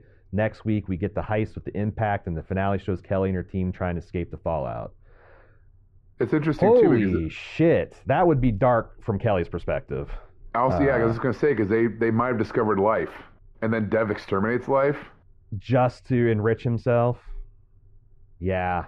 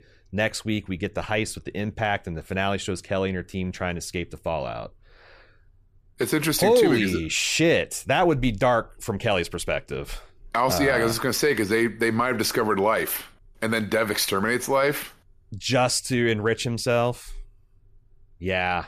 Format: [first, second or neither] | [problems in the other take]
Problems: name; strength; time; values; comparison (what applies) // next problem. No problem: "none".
second | muffled; very; fading above 1.5 kHz